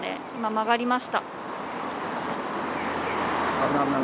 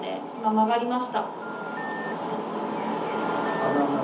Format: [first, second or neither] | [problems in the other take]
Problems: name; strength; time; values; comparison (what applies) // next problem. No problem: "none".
first | background sound (Telephone); 14 dB below the speech // room echo; dies away in 0.7 s